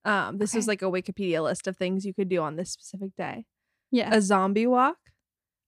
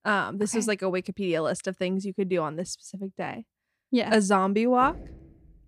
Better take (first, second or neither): first